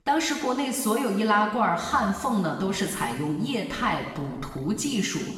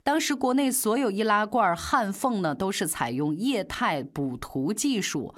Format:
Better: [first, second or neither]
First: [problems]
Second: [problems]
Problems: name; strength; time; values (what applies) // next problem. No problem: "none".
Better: second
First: room echo; noticeable; dies away in 1.2 s // off-mic speech; far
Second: none